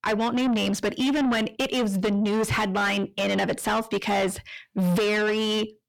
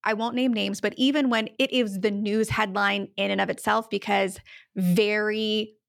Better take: second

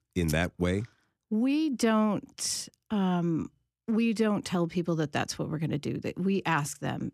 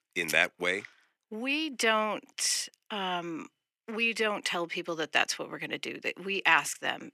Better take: first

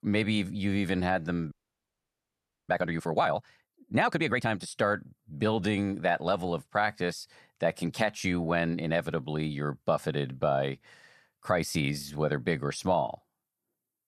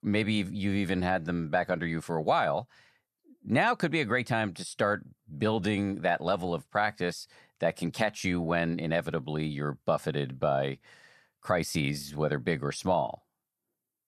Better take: second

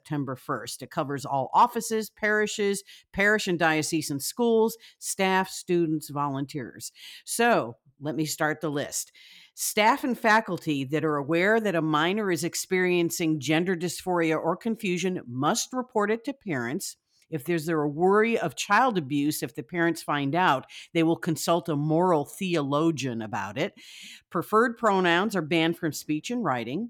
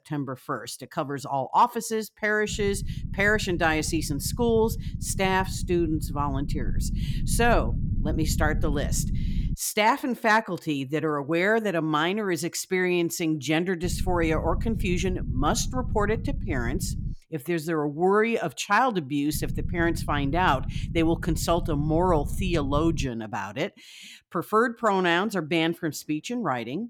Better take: first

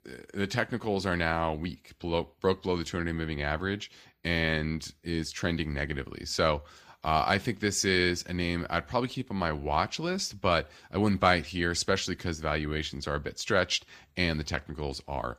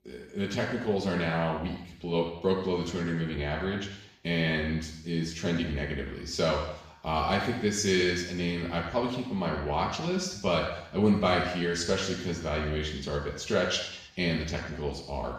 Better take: first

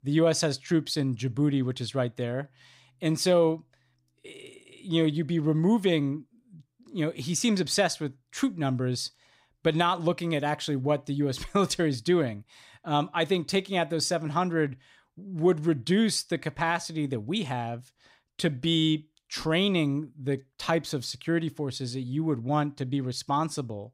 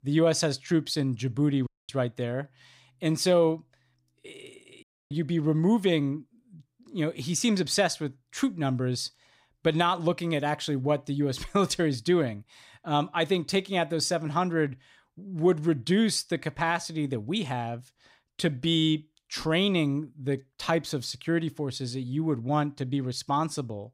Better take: first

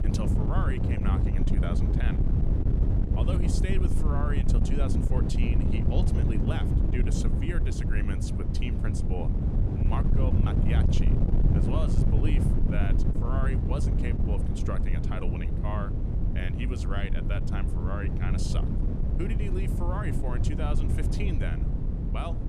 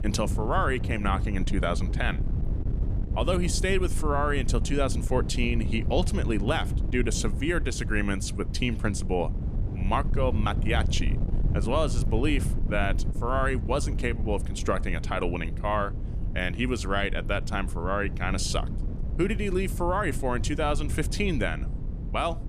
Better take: second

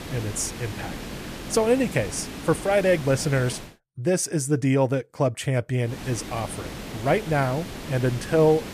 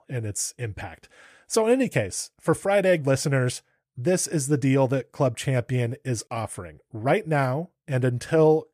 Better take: second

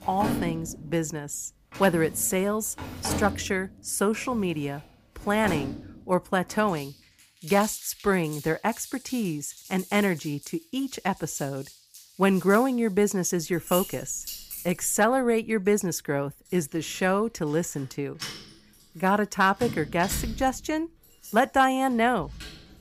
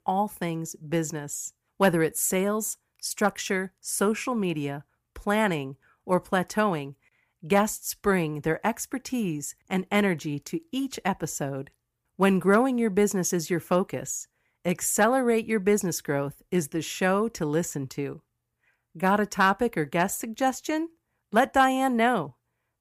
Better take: second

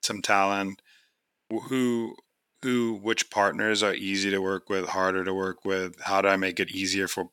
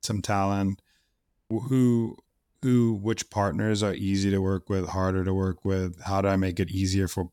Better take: second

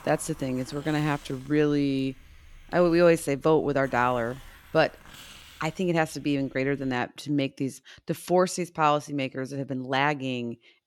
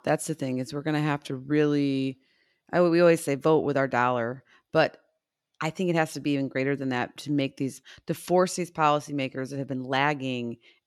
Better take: second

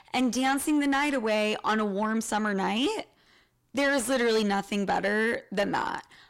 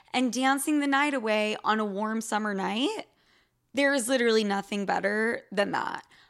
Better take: second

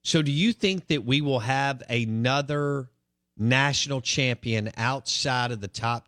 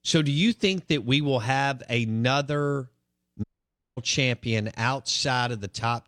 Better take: first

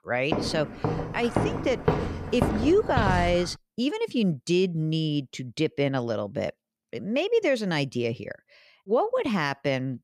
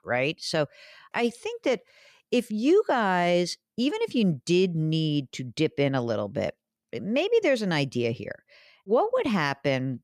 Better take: second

